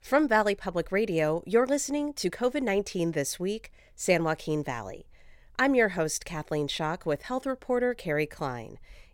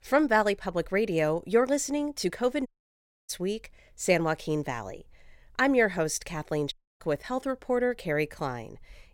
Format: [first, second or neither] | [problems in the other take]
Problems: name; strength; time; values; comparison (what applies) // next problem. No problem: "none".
first | audio cutting out; at 2.5 s for 0.5 s and at 6.5 s